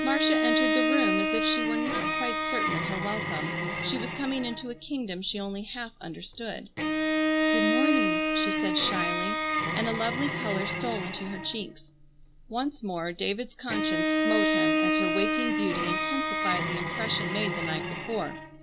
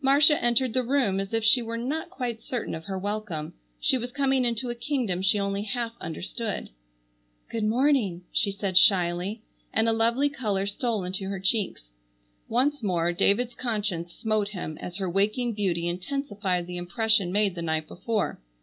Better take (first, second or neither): second